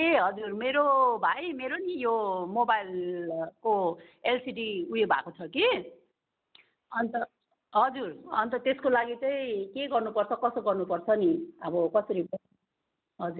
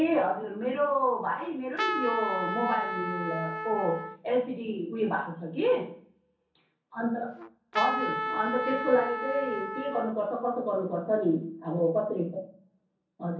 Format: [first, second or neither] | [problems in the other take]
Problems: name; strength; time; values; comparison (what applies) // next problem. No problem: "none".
first | background sound (Trumpet); 4 dB below the speech // room echo; dies away in 0.6 s